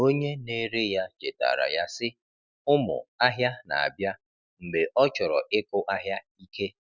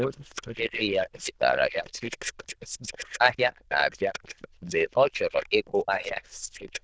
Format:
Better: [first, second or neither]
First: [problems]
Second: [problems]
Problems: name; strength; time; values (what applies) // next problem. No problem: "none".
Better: first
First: none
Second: noise reduction (neural diffusion model UNIVERSE++)